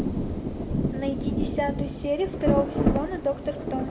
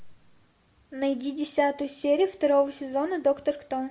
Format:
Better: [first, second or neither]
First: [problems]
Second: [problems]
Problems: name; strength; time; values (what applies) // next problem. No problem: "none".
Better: second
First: background sound (Rain); 3 dB above the speech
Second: none